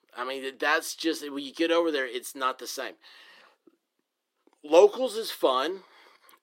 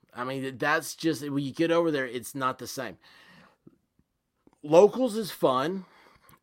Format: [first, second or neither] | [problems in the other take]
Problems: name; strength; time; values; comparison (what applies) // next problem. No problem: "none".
second | thin; somewhat; fading below 350 Hz